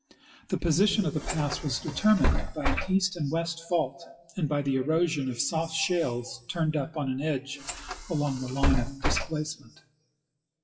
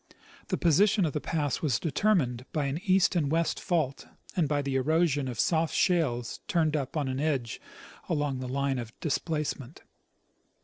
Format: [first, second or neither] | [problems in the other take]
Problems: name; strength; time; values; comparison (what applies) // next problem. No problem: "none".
second | noise reduction (classical method WPE with log-MMSE)